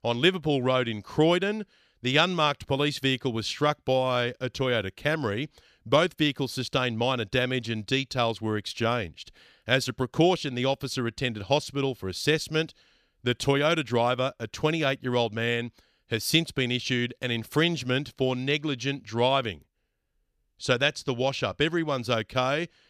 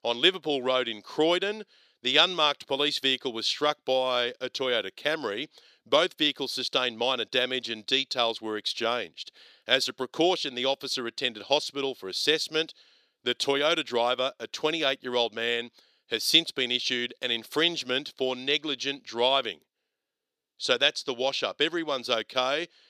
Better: first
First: none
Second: thin; somewhat; fading below 400 Hz

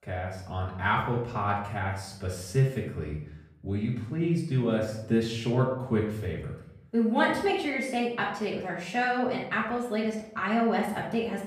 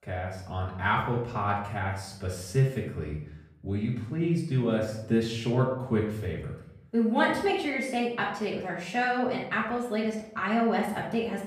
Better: neither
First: room echo; noticeable; dies away in 0.6 s // off-mic speech; far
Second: room echo; noticeable; dies away in 0.6 s // off-mic speech; far

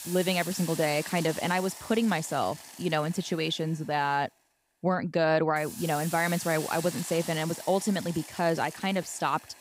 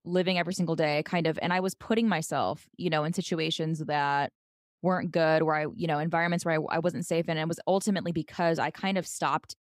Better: second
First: hiss; noticeable; throughout; 10 dB below the speech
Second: none

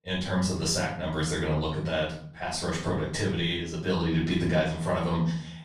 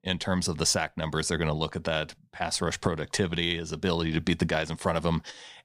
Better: second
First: off-mic speech; far // room echo; noticeable; dies away in 0.7 s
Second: none

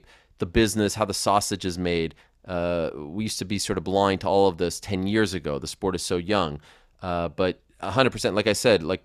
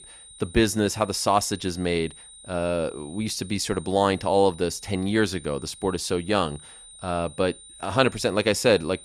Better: first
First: none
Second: high-pitched whine; noticeable; throughout; 9 kHz, 20 dB below the speech

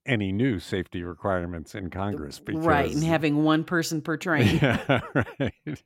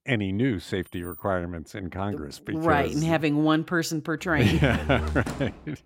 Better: first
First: none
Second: jangling keys; faint; at 1 s; peak 20 dB below the speech // door banging; noticeable; from 4.5 s on; peak 6 dB below the speech

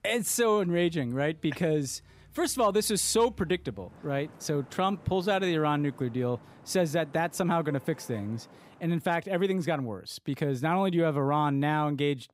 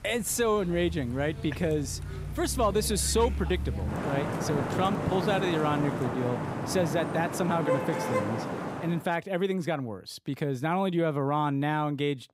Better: first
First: traffic noise; faint; until 9 s; 25 dB below the speech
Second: traffic noise; loud; until 9 s; 4 dB below the speech

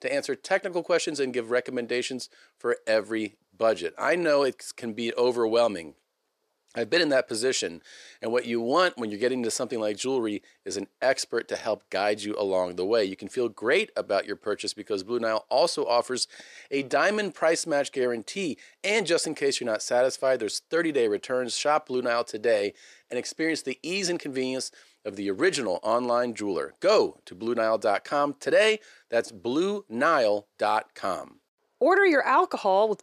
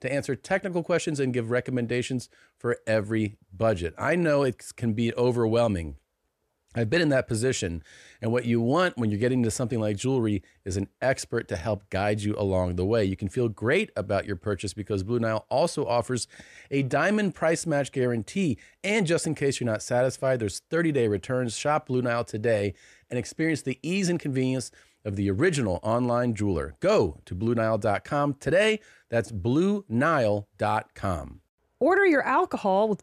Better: second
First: thin; somewhat; fading below 400 Hz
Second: none

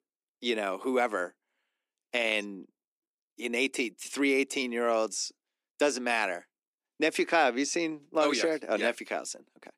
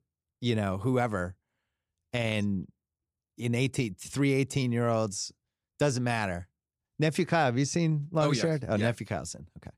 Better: second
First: thin; somewhat; fading below 250 Hz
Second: none

